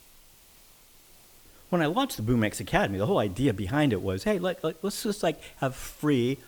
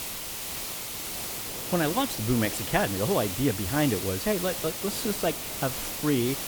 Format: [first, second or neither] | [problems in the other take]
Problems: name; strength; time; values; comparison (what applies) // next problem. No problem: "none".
first | hiss; loud; throughout; 3 dB below the speech; faint in the first